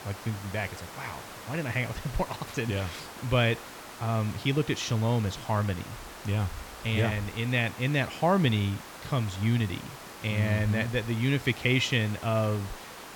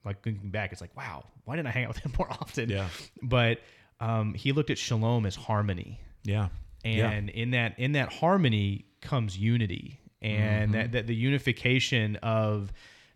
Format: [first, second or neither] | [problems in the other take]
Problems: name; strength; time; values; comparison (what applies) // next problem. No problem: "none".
second | hiss; noticeable; throughout; 15 dB below the speech